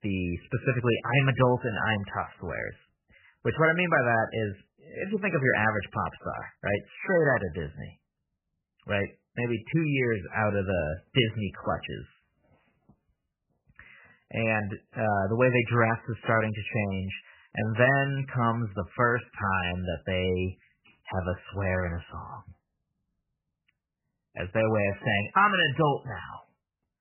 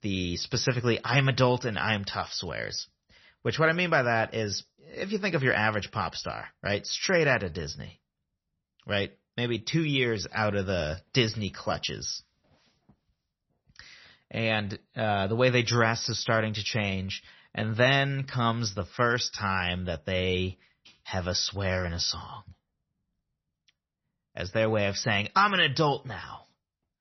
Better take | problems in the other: second | garbled, watery; badly; nothing above 3 kHz; slightly in the second

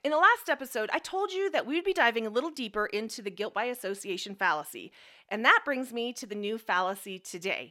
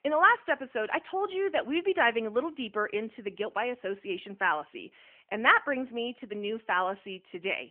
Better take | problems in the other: first | phone-call audio; nothing above 3 kHz

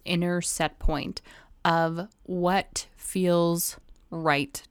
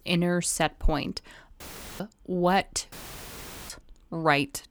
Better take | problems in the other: first | audio cutting out; filled with static; at 1.5 s and at 3 s for 1 s

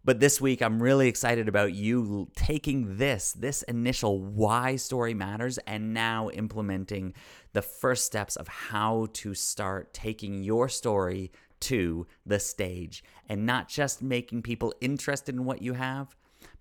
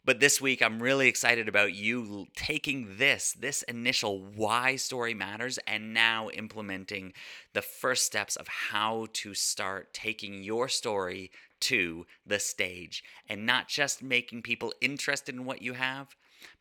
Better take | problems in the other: first | thin; very slightly; fading below 700 Hz

